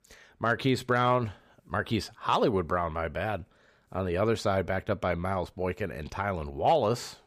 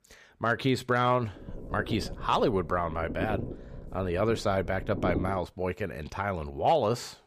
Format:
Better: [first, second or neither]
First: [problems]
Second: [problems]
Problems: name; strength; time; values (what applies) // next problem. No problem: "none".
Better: first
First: none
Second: low rumble; noticeable; from 1.5 to 5.5 s; 15 dB below the speech